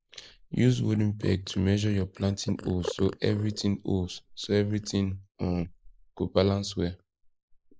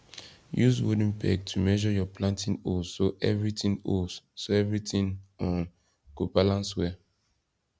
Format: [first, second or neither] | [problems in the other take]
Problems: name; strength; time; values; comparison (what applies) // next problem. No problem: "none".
second | noise reduction (neural mask model Resemble Enhance denoiser)